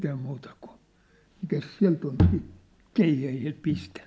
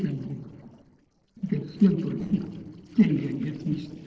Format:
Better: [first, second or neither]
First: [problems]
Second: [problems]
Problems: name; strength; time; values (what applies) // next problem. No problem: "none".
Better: first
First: none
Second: noise reduction (neural separator model SepFormer DNS4)